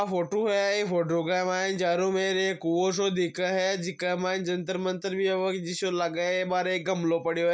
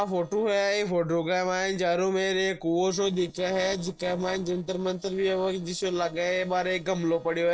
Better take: first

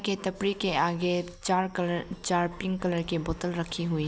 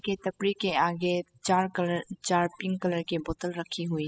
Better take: first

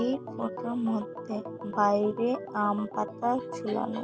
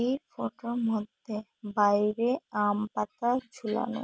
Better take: second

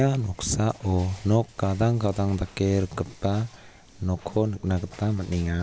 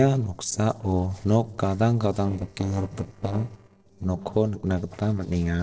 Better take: first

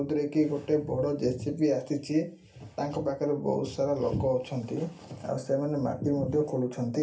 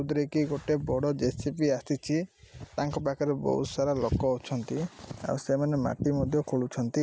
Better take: second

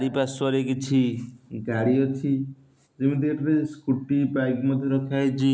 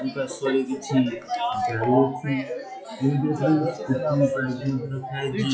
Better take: first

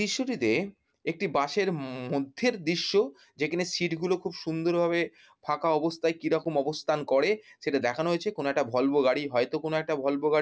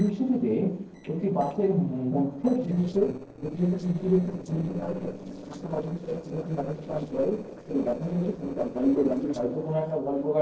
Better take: first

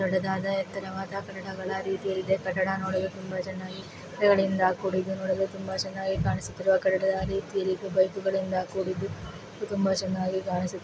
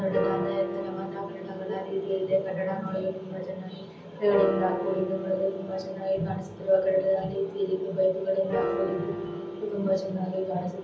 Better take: first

